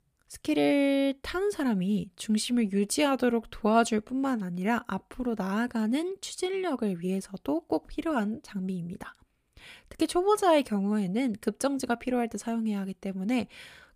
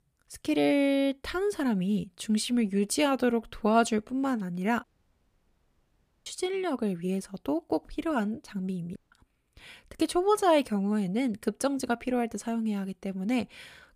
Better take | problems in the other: first | audio cutting out; at 5 s for 1.5 s and at 9 s

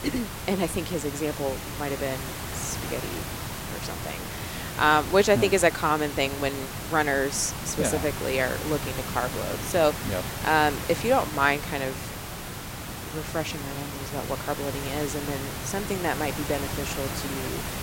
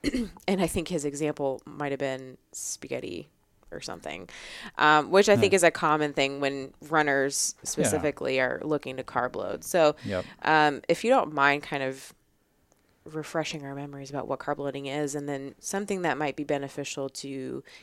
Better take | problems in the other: second | hiss; loud; throughout; 6 dB below the speech

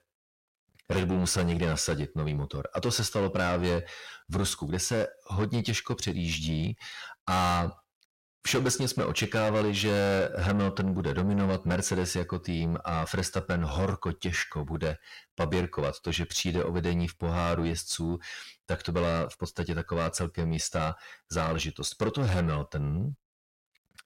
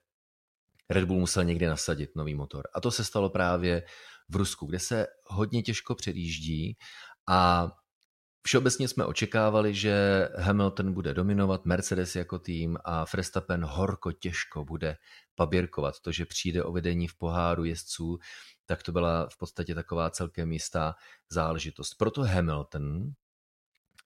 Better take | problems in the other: second | distortion; heavy; 7 dB below the speech

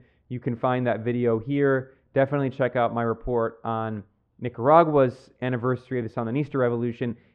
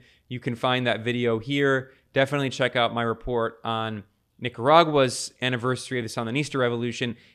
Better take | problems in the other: second | muffled; very; fading above 3.5 kHz

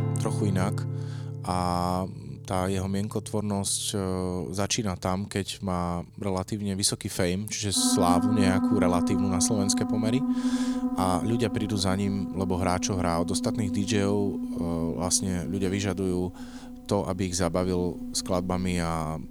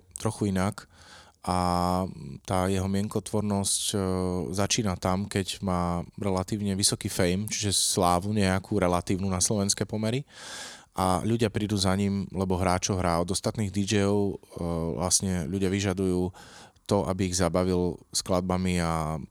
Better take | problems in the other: second | background music; loud; throughout; 3 dB below the speech

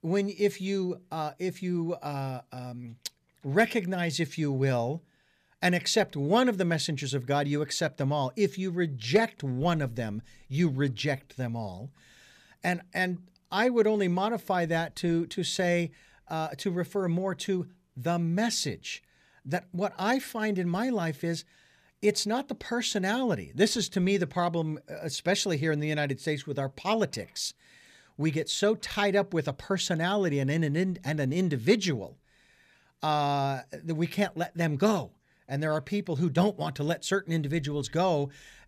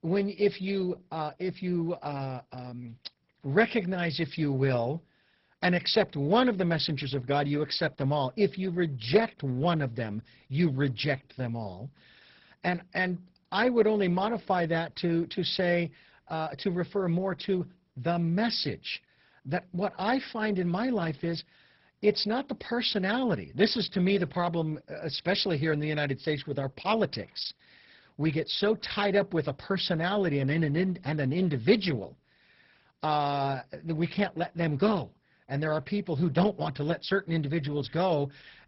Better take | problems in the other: first | garbled, watery; badly; nothing above 5.5 kHz

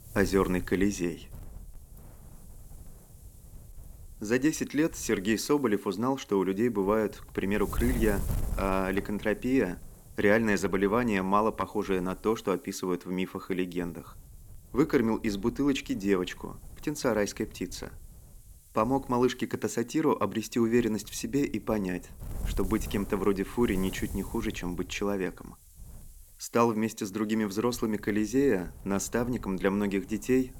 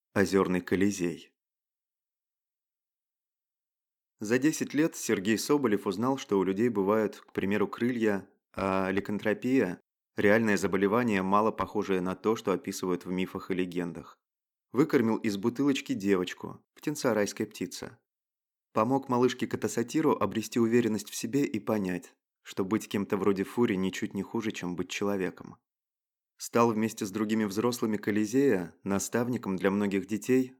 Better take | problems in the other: second | wind noise on the microphone; occasional gusts; 25 dB below the speech

